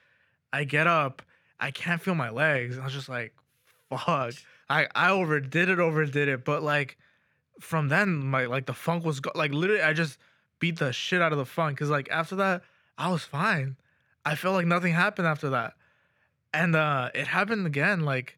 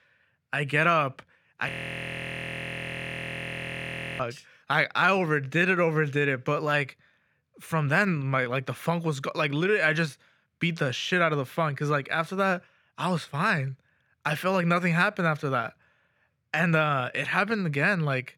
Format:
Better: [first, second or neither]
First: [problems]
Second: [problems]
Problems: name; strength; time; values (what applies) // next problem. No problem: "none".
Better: first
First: none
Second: audio freezing; at 1.5 s for 2.5 s